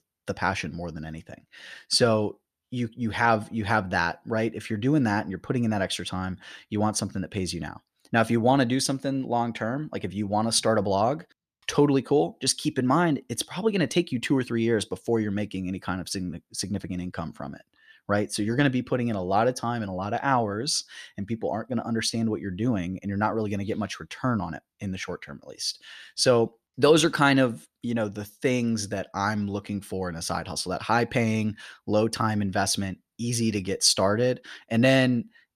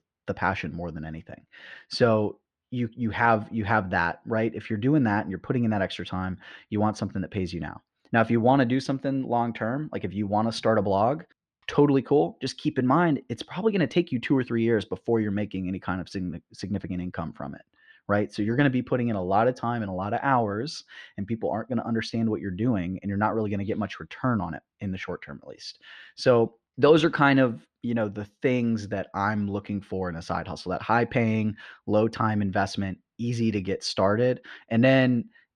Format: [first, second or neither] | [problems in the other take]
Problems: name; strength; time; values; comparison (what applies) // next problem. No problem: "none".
first | muffled; slightly; fading above 2.5 kHz